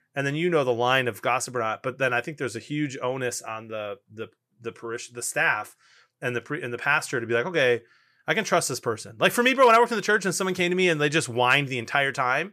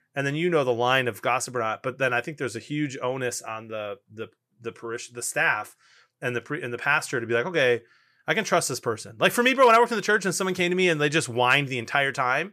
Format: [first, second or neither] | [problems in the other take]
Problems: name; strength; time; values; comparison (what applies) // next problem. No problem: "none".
neither | none